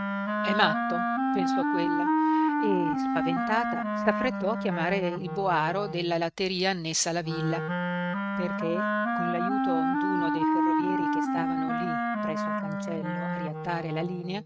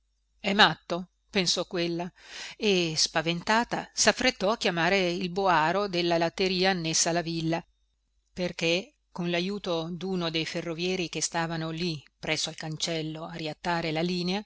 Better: second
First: noise reduction (neural mask model RNNoise)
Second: none

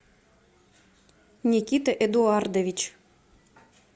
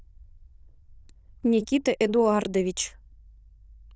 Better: first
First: none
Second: noise reduction (neural diffusion model UNIVERSE++)

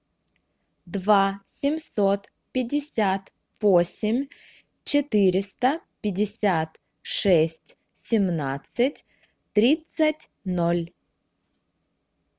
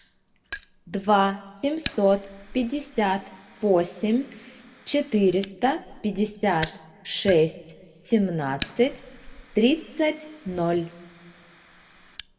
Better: first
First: none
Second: background sound (Fire); 18 dB below the speech // room echo; dies away in 1.2 s

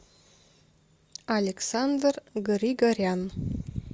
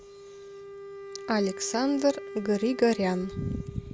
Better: first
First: none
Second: background sound (Wind instrument, woodwind instrument); 13 dB below the speech

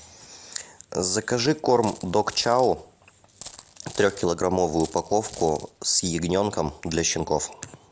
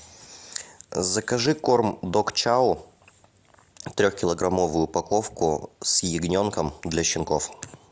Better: second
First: background sound (Coin (dropping)); 18 dB below the speech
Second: none

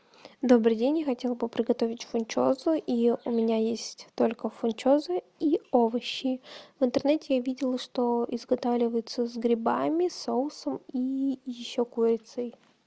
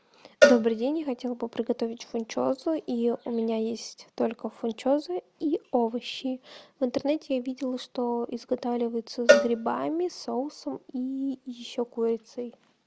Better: first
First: none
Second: background sound (Cowbell); 1 dB above the speech

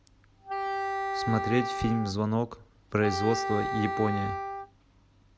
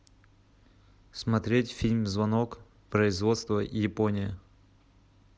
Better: second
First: background sound (Wind instrument, woodwind instrument); 3 dB below the speech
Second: none

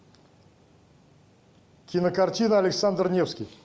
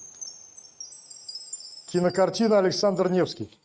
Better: first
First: none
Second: noise reduction (neural mask model RNNoise)

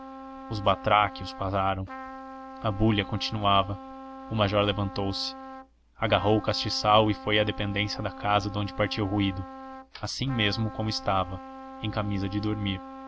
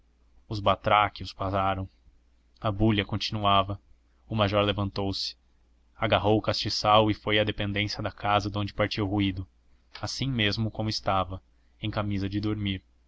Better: second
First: background sound (Trumpet); 14 dB below the speech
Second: none

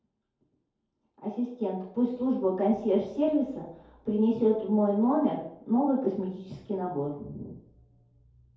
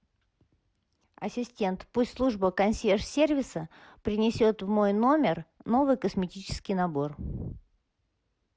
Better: second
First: room echo; dies away in 2.2 s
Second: none

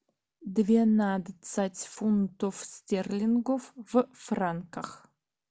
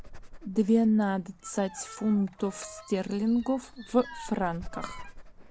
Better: first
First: none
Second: background sound (Bowed string instrument + Dog); 15 dB below the speech

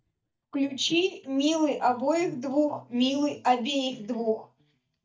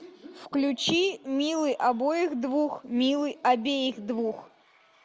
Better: second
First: noise reduction (neural mask model DeepFilterNet 3)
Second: none

